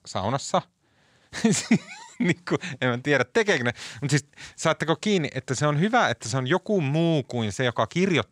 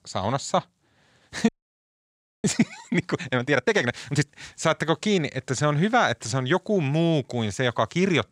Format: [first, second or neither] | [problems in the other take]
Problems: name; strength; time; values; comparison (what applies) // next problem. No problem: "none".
first | audio freezing; at 1.5 s for 1 s